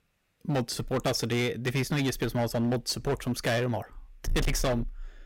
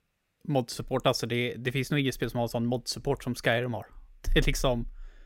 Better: second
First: distortion; heavy; 15% of the sound clipped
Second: none

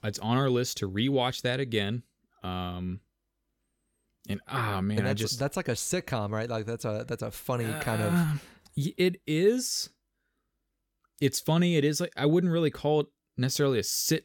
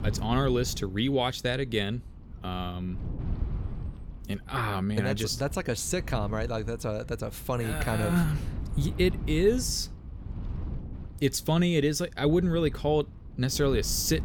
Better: first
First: none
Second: wind noise on the microphone; occasional gusts; 20 dB below the speech

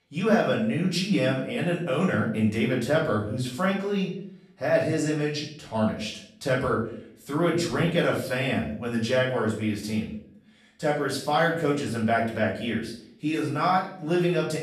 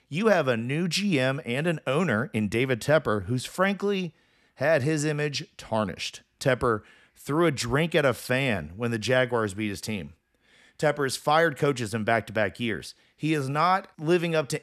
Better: second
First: off-mic speech; far // room echo; noticeable; dies away in 0.5 s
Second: none

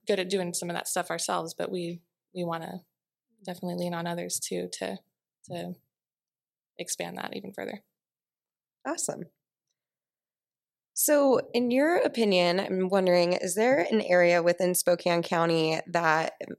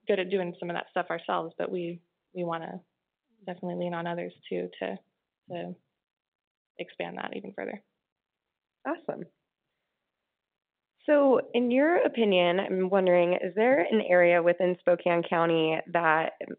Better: first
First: none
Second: phone-call audio

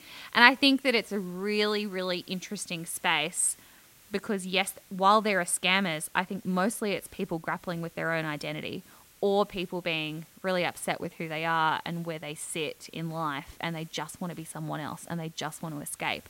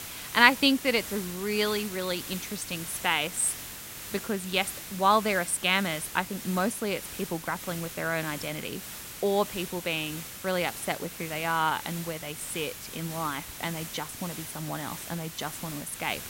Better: first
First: hiss; faint; throughout; 25 dB below the speech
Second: hiss; loud; throughout; 9 dB below the speech

